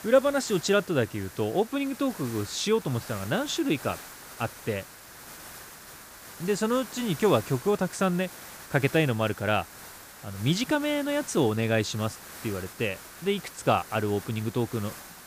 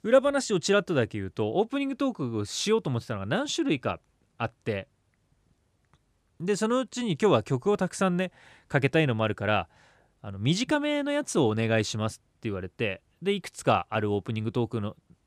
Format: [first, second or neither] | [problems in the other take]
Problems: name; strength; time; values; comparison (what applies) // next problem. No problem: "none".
second | hiss; noticeable; throughout; 15 dB below the speech